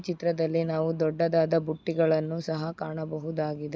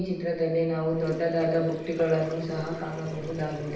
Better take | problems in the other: first | background sound (Sink (filling or washing) / Water tap, faucet); 15 dB below the speech // room echo; dies away in 0.9 s

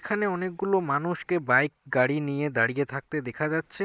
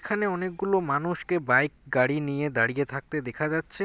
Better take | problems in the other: second | noise reduction (neural mask model Resemble Enhance denoiser)

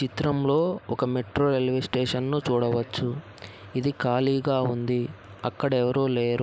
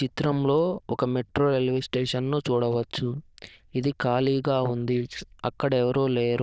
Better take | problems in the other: first | noise reduction (neural diffusion model UNIVERSE++)

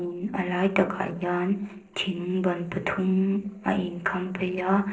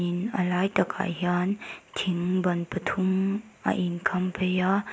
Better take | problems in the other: second | noise reduction (neural separator model SepFormer DNS4)

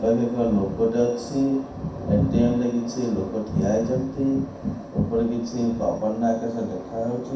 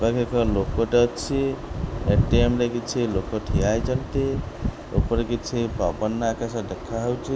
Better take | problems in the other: second | room echo; dies away in 0.6 s

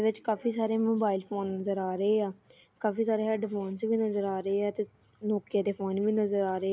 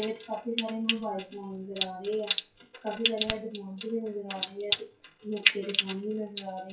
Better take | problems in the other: first | noise reduction (classical method WPE with log-MMSE)

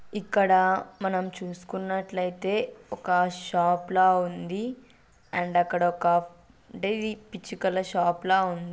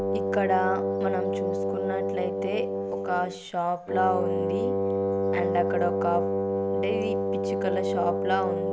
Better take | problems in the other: first | background sound (Wind instrument, woodwind instrument); 3 dB above the speech

